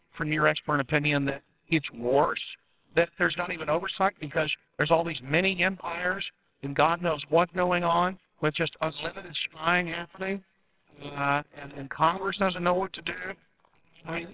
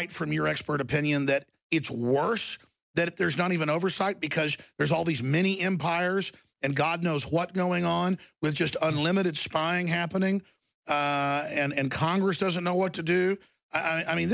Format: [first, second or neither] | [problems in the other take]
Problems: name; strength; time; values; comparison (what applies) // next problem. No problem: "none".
second | noise reduction (neural separator model SepFormer WHAMR!)